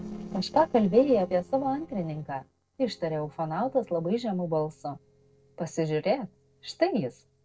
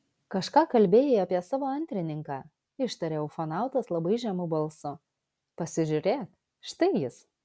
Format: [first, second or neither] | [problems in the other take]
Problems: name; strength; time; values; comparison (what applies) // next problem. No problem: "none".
second | noise reduction (neural separator model SepFormer DNS4)